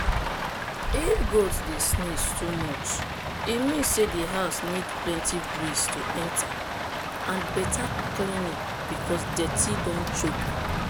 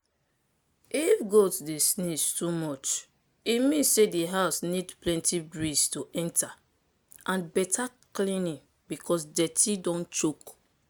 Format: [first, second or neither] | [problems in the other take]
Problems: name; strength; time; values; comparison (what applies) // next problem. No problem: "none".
second | background sound (Rain); as loud as the speech